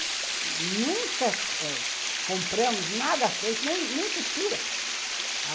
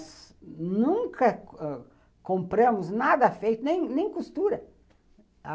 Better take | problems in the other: second | background sound (Water); 2 dB above the speech

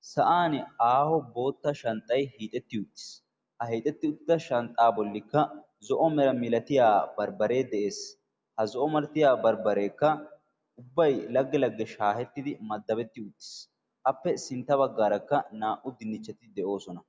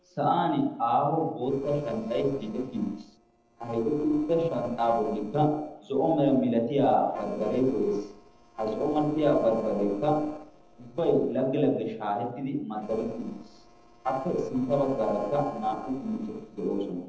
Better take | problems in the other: first | noise reduction (neural separator model SepFormer DNS4)

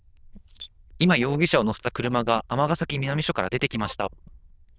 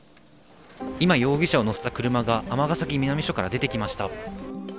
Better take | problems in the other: second | noise reduction (neural diffusion model UNIVERSE++)

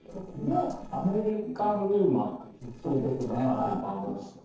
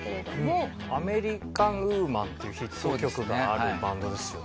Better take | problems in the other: second | noise reduction (neural separator model SepFormer DNS4)

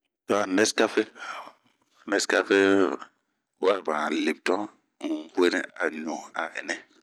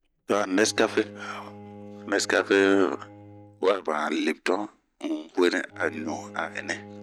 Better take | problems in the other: first | background sound (Bowed string instrument); 18 dB below the speech

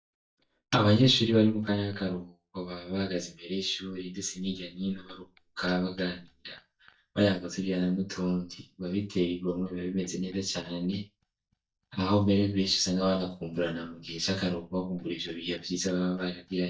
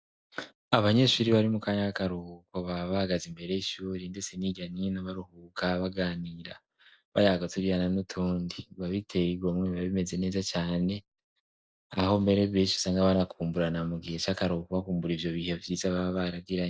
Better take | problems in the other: second | noise reduction (neural mask model DeepFilterNet 3)

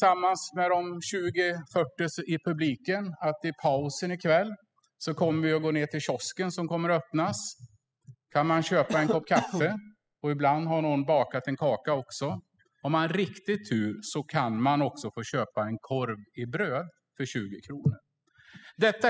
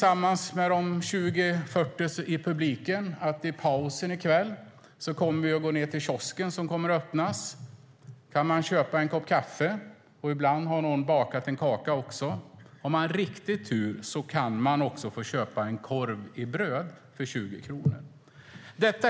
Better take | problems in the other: second | noise reduction (classical method spectral subtraction)

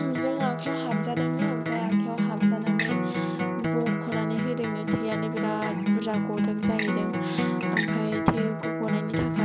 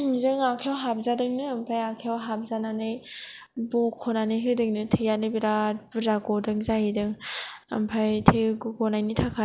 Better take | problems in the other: second | background sound (Acoustic guitar); 4 dB above the speech

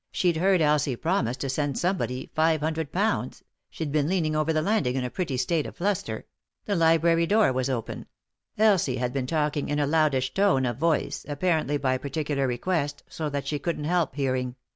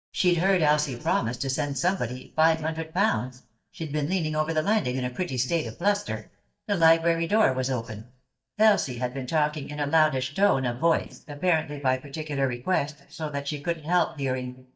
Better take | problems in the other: first | noise reduction (neural mask model DeepFilterNet 3)

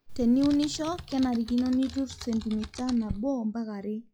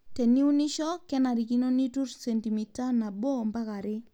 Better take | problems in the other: second | noise reduction (classical method log-MMSE)

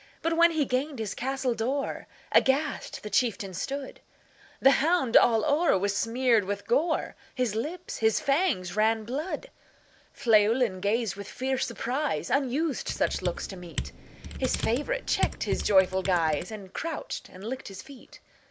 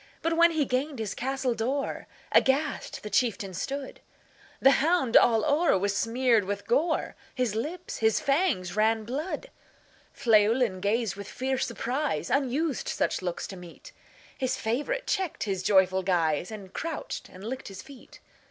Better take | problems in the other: second | background sound (Computer keyboard); 8 dB below the speech

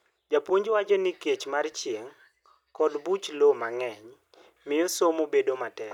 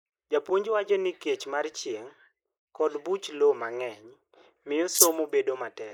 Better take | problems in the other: first | noise reduction (neural mask model Resemble Enhance denoiser)

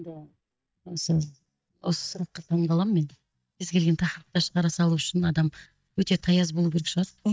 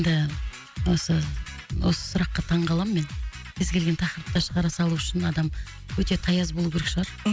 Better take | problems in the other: second | noise reduction (neural mask model DeepFilterNet 3)

